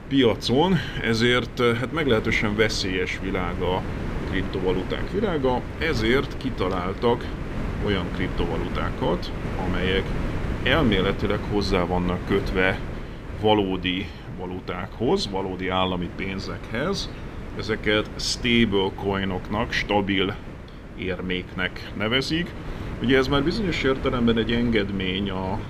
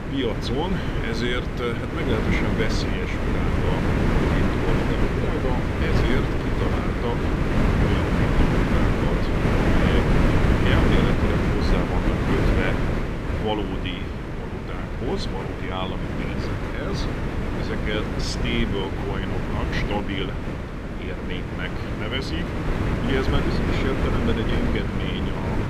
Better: first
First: wind noise on the microphone; occasional gusts; 10 dB below the speech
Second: wind noise on the microphone; heavy; 2 dB above the speech

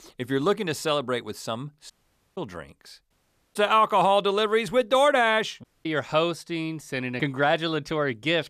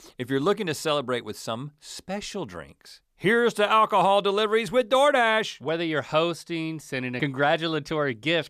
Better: second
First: audio cutting out; at 2 s, at 3 s and at 5.5 s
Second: none

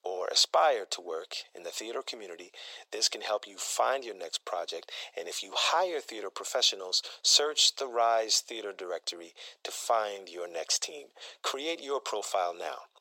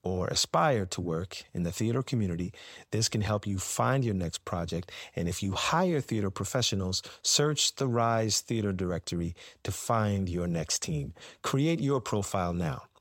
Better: second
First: thin; very; fading below 400 Hz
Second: none

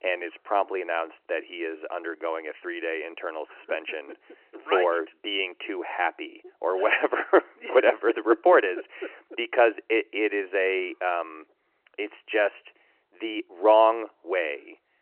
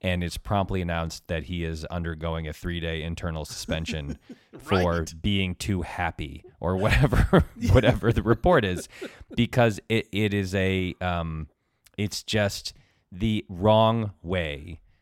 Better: second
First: phone-call audio; nothing above 3 kHz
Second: none

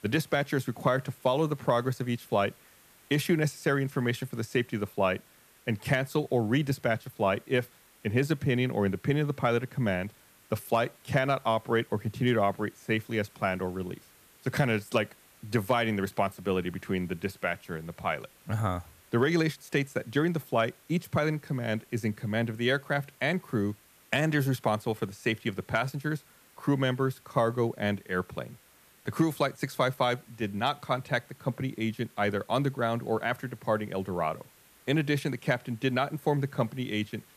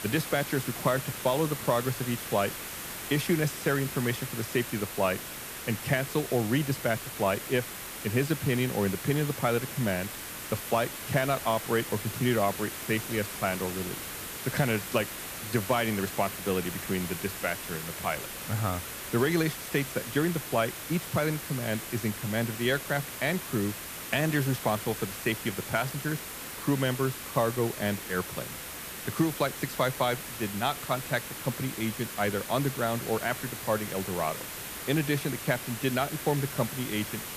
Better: first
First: hiss; faint; throughout; 25 dB below the speech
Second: hiss; loud; throughout; 6 dB below the speech

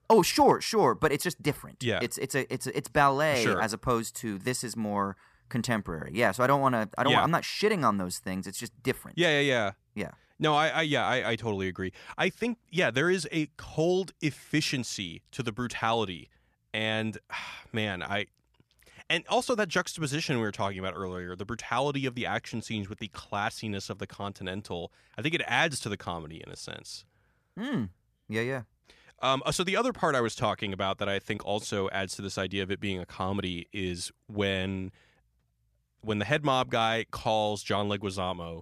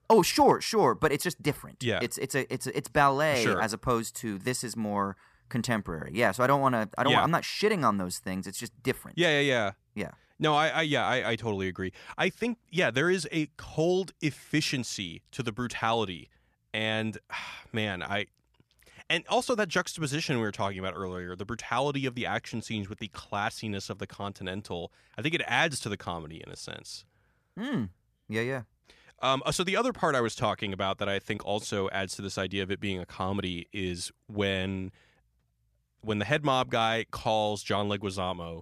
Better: neither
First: none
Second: none

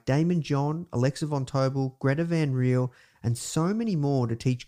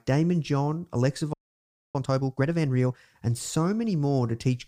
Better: first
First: none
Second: audio freezing; at 1.5 s for 0.5 s

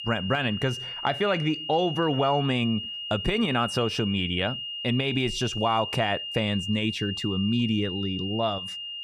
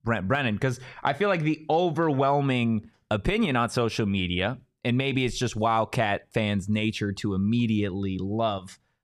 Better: second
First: high-pitched whine; loud; throughout; 3 kHz, 5 dB below the speech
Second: none

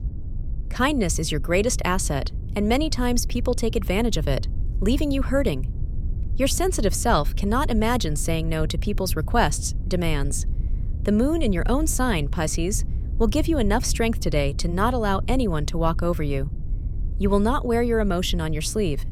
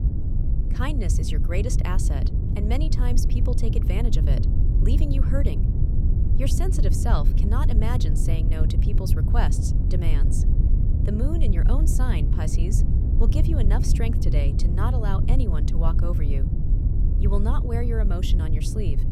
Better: first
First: low rumble; faint; throughout; 20 dB below the speech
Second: low rumble; loud; throughout; 3 dB below the speech

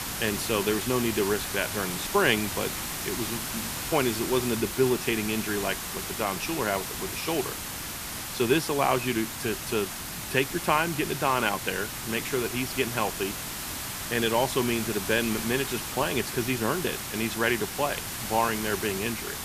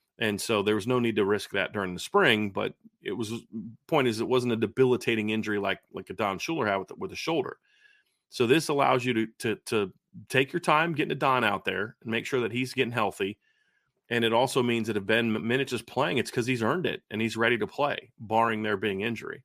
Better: second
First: hiss; loud; throughout; 4 dB below the speech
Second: none

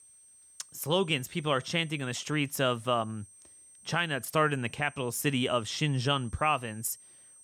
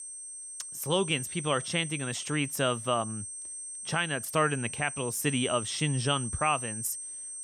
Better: first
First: high-pitched whine; faint; throughout; 8.5 kHz, 20 dB below the speech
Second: high-pitched whine; loud; throughout; 8.5 kHz, 7 dB below the speech

